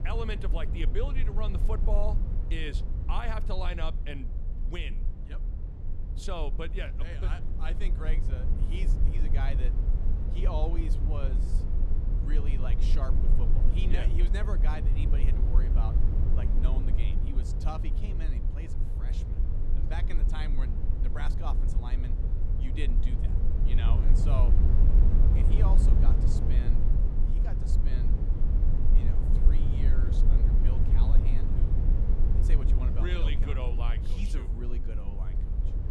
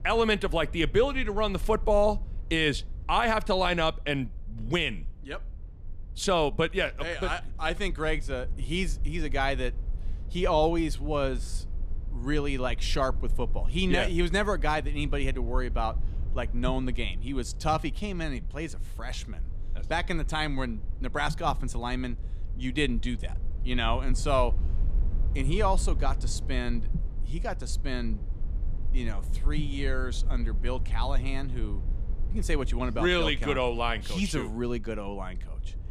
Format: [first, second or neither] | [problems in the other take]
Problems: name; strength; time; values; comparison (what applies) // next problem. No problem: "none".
second | low rumble; loud; throughout; 4 dB below the speech; faint in the second